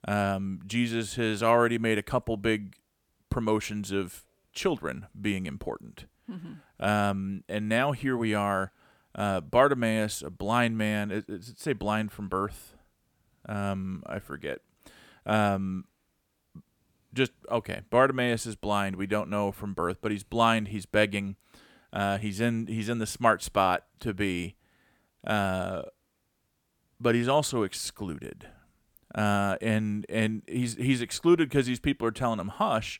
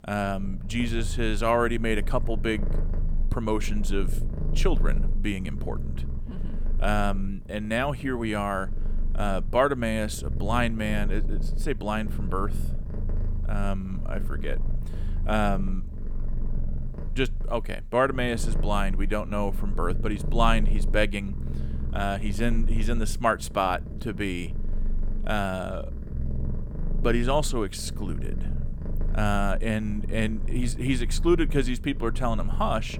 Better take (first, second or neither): first